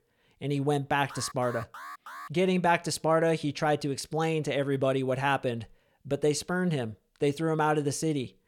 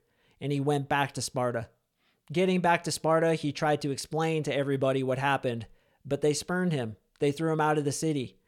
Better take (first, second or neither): second